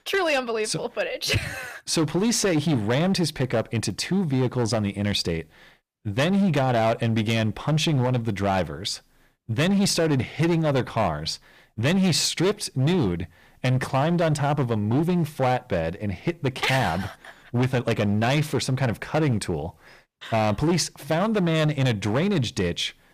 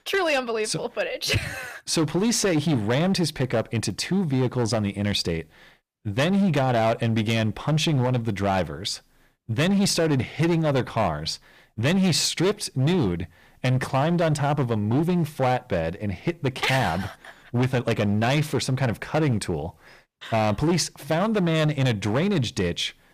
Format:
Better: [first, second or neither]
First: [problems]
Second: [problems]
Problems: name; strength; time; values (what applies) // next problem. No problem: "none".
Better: neither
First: distortion; slight; 12% of the sound clipped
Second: distortion; slight; 12% of the sound clipped